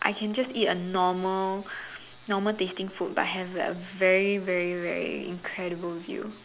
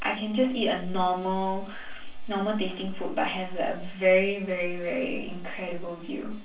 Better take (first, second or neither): first